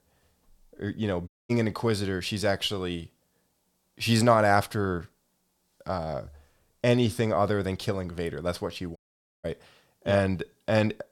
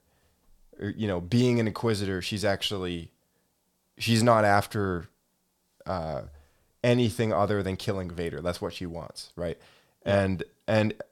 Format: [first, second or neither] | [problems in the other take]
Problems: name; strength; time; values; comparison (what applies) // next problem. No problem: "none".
second | audio cutting out; at 1.5 s and at 9 s